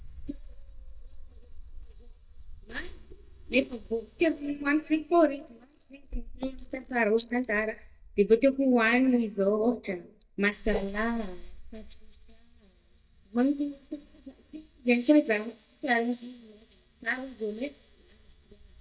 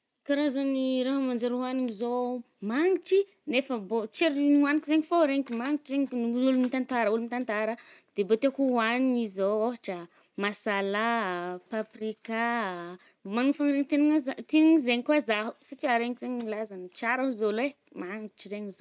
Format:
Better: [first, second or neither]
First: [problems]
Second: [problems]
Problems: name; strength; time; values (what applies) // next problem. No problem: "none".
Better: second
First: noise reduction (neural mask model DeepFilterNet 3)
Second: none